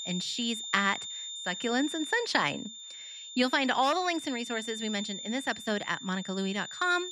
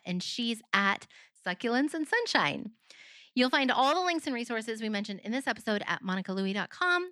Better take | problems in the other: second | high-pitched whine; loud; throughout; 3.5 kHz, 8 dB below the speech

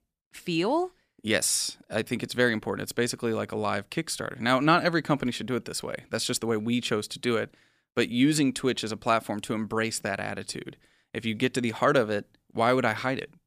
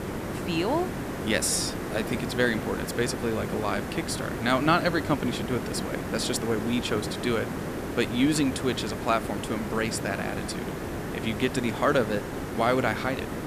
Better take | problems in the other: first | hiss; loud; throughout; 5 dB below the speech

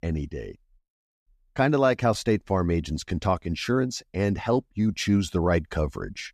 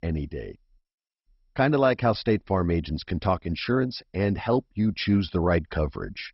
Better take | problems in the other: first | garbled, watery; badly; nothing above 5.5 kHz

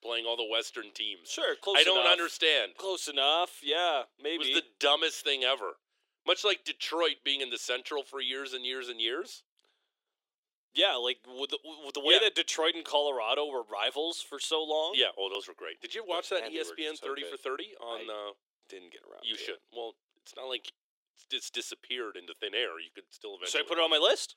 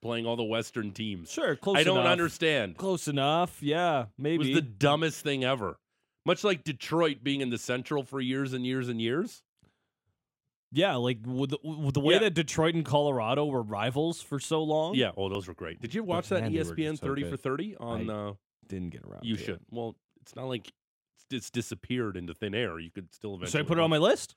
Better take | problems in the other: second | thin; very; fading below 350 Hz

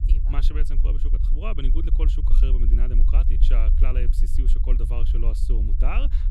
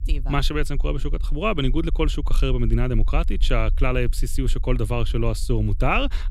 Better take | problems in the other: second | low rumble; loud; throughout; 7 dB below the speech; faint in the second

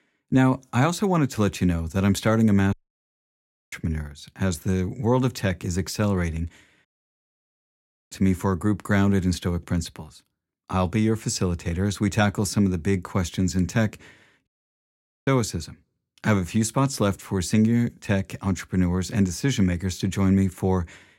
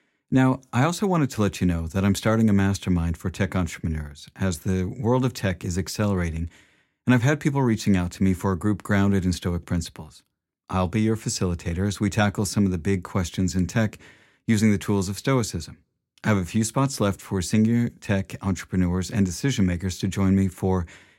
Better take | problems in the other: second | audio cutting out; at 2.5 s for 1 s, at 7 s for 1.5 s and at 14 s for 1 s

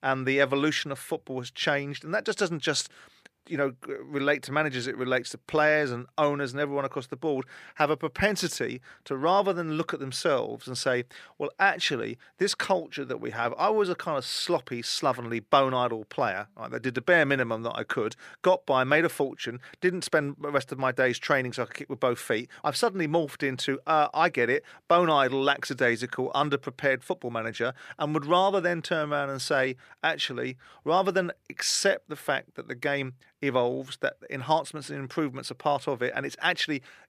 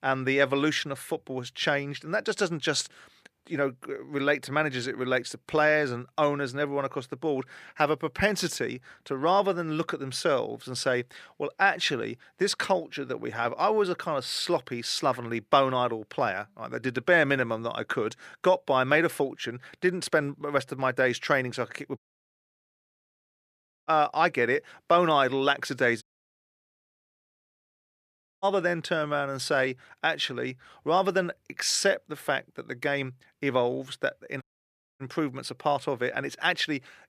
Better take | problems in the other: first | audio cutting out; at 22 s for 2 s, at 26 s for 2.5 s and at 34 s for 0.5 s

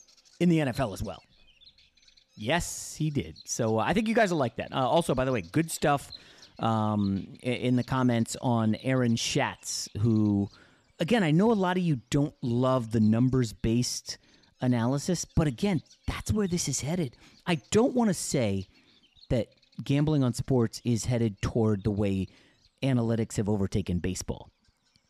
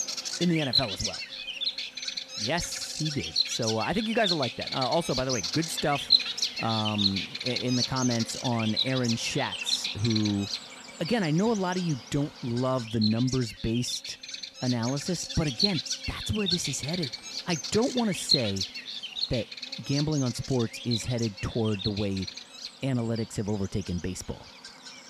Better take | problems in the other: first | animal sounds; loud; throughout; as loud as the speech; faint in the first

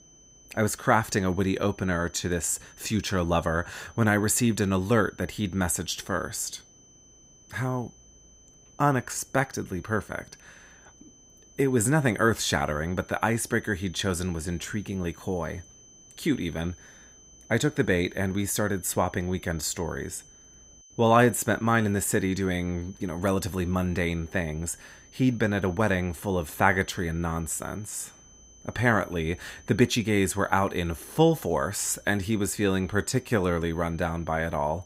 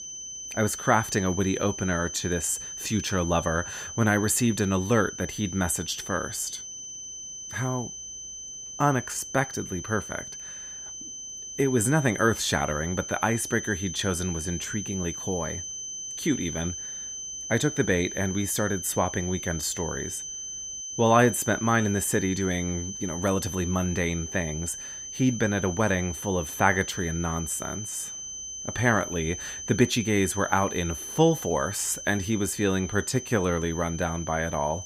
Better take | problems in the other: first | high-pitched whine; loud; throughout; 6 kHz, 8 dB below the speech; faint in the first

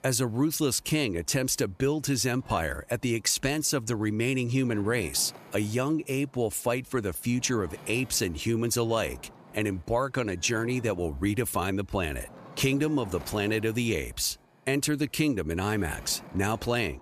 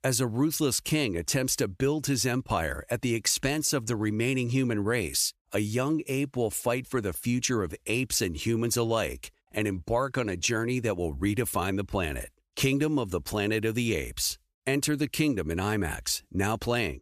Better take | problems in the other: second | wind noise on the microphone; occasional gusts; 20 dB below the speech

